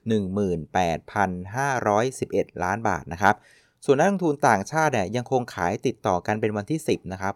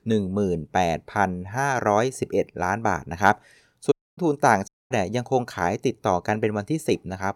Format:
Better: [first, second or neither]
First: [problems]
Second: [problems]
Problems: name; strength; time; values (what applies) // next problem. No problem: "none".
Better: first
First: none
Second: audio cutting out; at 4 s and at 4.5 s